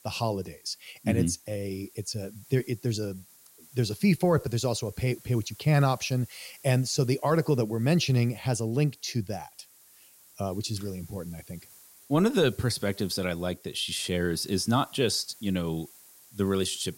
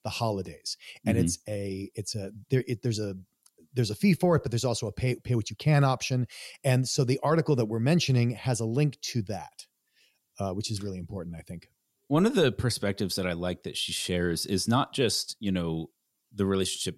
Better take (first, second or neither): second